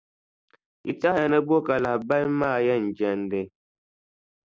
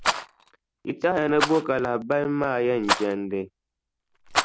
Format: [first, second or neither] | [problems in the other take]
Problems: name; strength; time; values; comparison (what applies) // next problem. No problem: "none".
first | background sound (Rattle); 5 dB below the speech